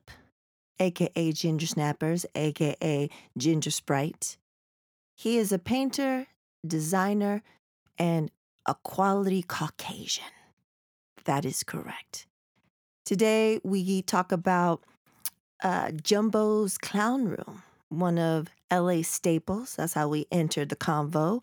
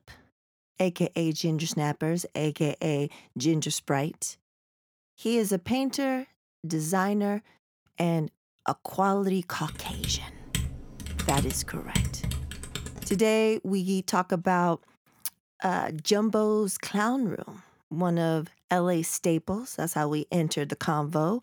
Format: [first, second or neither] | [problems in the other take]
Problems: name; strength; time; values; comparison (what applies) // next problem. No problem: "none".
first | keyboard typing; noticeable; from 9.5 to 13 s; peak 1 dB below the speech